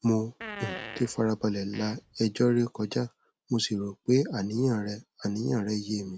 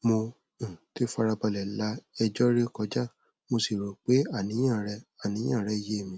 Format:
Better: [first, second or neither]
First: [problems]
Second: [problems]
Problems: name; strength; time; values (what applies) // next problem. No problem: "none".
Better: second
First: background sound (Fart); 13 dB below the speech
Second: none